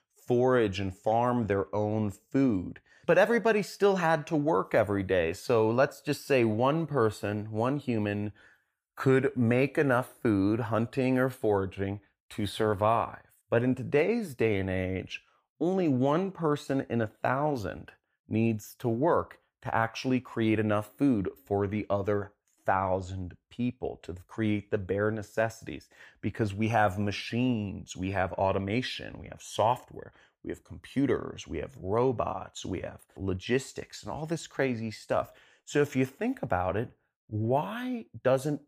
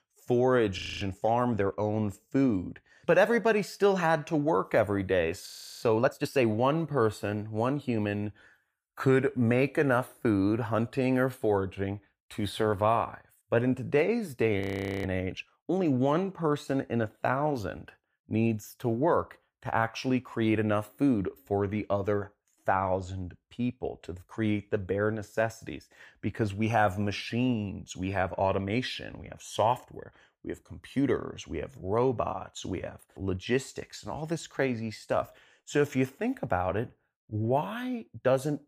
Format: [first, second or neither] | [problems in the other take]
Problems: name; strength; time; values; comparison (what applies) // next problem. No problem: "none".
first | audio freezing; at 1 s, at 5.5 s and at 15 s